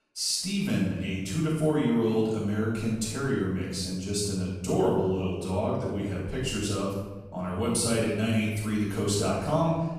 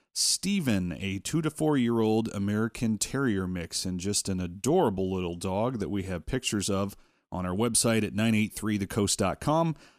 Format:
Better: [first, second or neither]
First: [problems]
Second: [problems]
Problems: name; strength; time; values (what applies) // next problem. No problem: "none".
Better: second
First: off-mic speech; far // room echo; strong; dies away in 1 s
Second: none